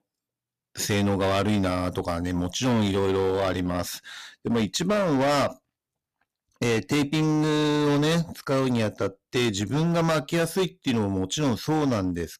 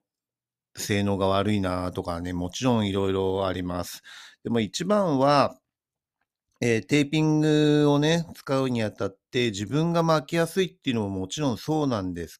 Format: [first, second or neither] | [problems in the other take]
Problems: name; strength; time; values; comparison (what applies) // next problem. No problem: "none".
second | distortion; heavy; 15% of the sound clipped